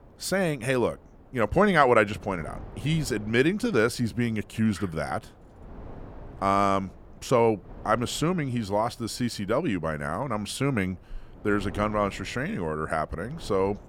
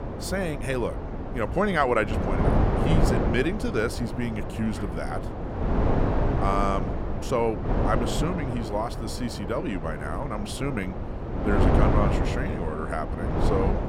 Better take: first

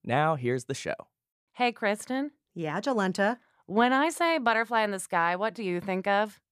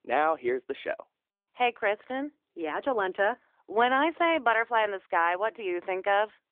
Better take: first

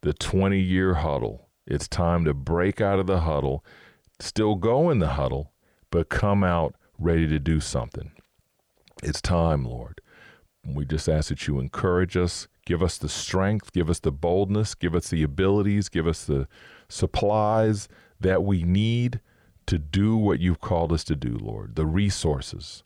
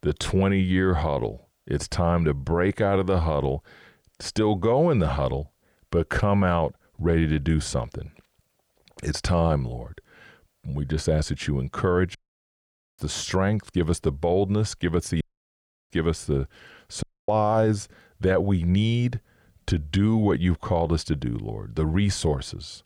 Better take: first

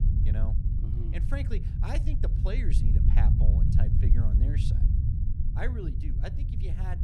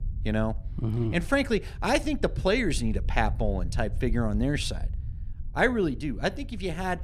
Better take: second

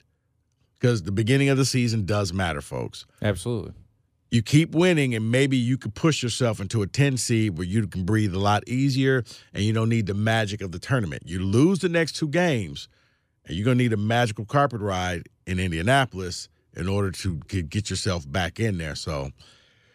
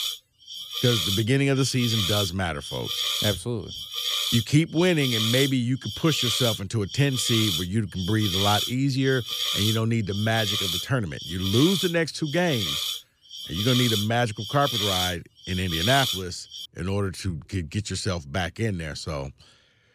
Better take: first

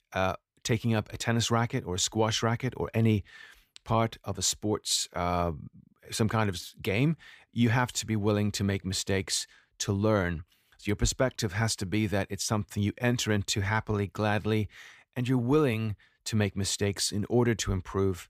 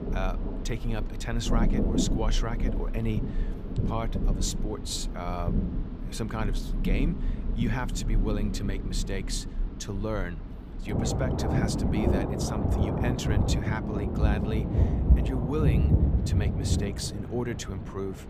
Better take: first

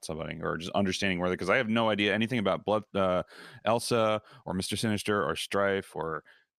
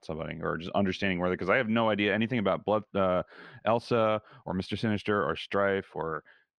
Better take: first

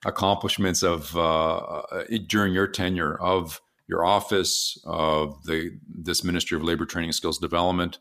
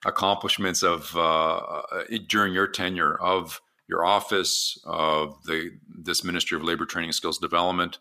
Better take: first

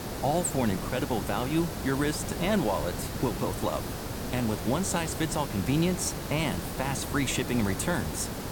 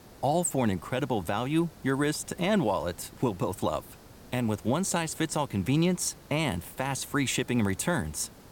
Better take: second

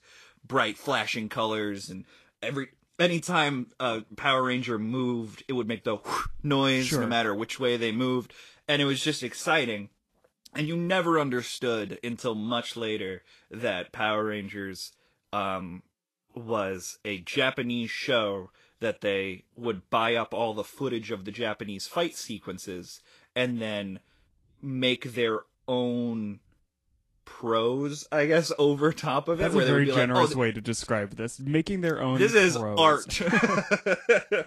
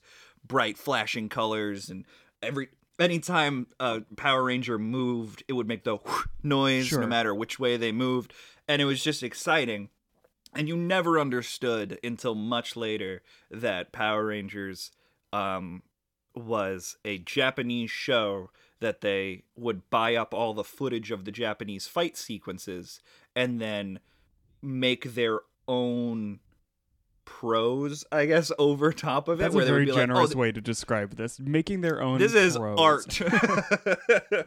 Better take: second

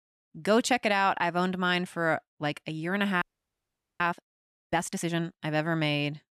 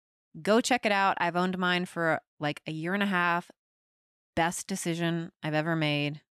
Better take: second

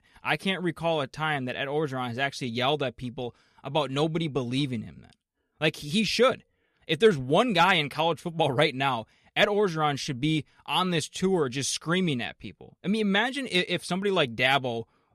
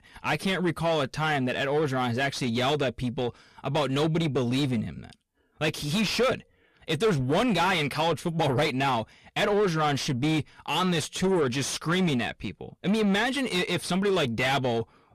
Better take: first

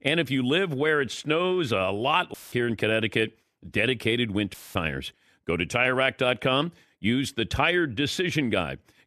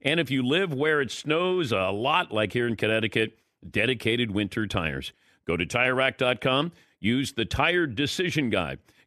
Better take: second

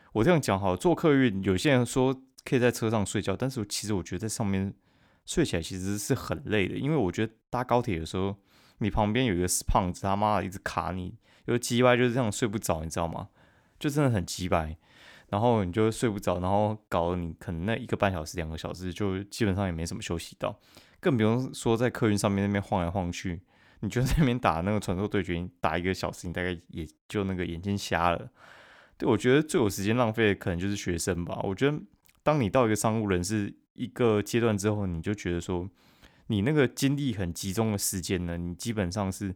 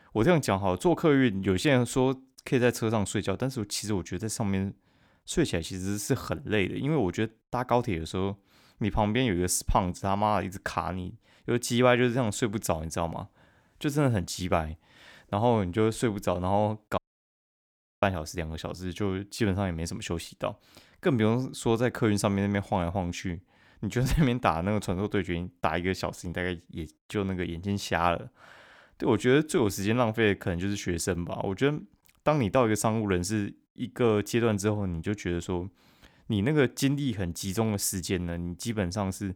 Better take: first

